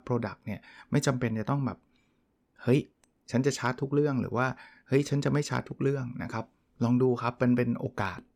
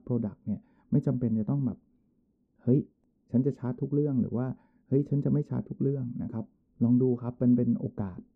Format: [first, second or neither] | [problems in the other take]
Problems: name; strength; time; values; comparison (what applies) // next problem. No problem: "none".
first | muffled; very; fading above 1 kHz